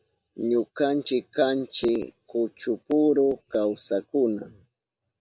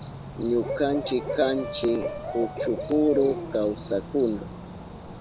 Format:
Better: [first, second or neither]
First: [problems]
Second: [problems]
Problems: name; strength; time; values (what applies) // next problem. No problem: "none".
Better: first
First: none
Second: background sound (Cricket / Bird + Brass instrument); 7 dB below the speech